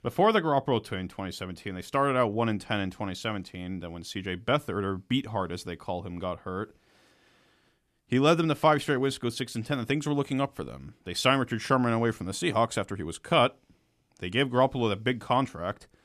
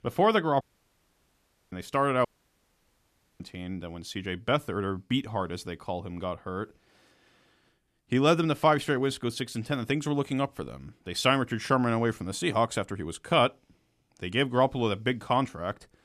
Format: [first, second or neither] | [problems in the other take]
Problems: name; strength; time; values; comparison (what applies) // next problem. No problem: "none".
first | audio cutting out; at 0.5 s for 1 s and at 2.5 s for 1 s